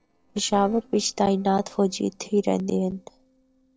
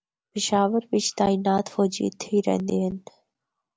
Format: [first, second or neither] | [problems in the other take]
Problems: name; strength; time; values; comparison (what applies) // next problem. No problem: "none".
second | noise reduction (neural separator model SepFormer DNS4)